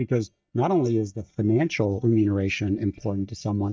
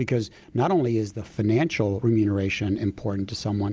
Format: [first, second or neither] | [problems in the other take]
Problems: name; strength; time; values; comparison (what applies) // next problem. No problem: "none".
second | noise reduction (neural mask model DeepFilterNet 3)